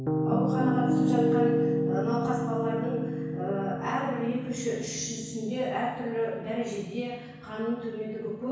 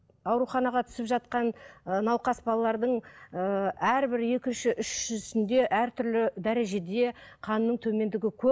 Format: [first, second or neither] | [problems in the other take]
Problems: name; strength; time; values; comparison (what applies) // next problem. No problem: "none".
second | background sound (Piano); 2 dB above the speech // room echo; dies away in 1.1 s